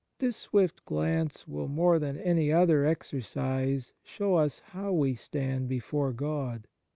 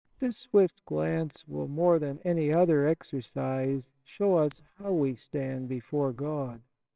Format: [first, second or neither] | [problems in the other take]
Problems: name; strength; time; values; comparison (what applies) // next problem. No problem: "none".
first | noise reduction (neural separator model SepFormer WHAMR!)